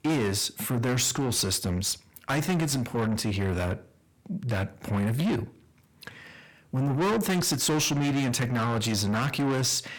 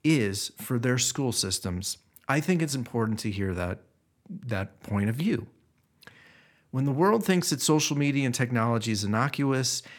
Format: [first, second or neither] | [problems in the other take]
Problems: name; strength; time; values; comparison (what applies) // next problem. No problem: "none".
second | distortion; heavy; 6 dB below the speech